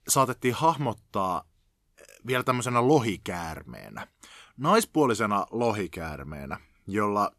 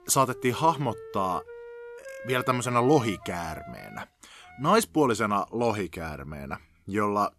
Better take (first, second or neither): first